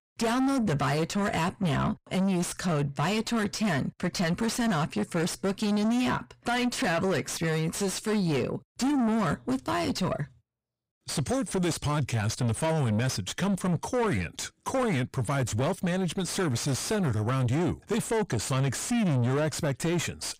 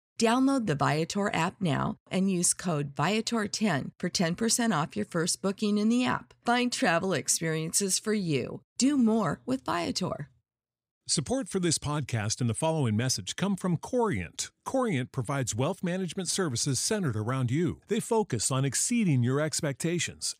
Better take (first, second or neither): second